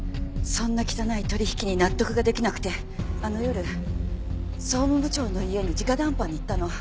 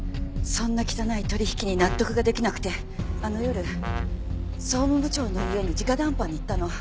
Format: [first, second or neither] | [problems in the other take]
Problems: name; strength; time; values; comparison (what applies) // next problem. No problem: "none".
first | background sound (Brass instrument); 16 dB below the speech